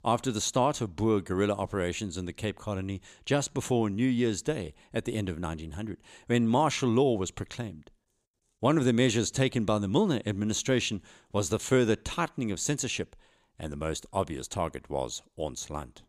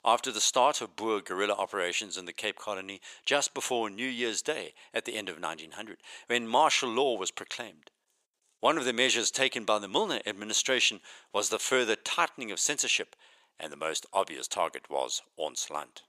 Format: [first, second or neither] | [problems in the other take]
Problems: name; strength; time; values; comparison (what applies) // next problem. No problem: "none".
first | thin; very; fading below 600 Hz